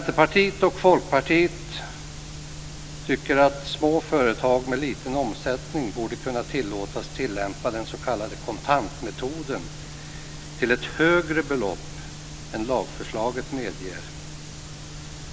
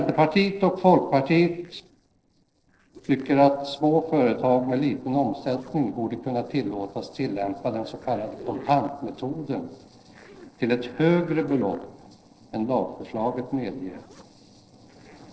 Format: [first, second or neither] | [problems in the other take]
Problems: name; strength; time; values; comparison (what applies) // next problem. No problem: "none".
first | noise reduction (neural separator model SepFormer DNS4)